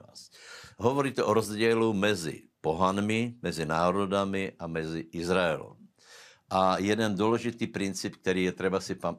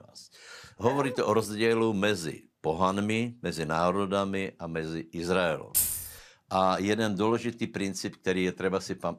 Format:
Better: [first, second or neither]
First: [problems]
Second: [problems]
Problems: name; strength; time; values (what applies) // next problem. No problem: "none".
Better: first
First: none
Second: dog barking; noticeable; at 1 s; peak 8 dB below the speech // jangling keys; loud; at 5.5 s; peak 3 dB above the speech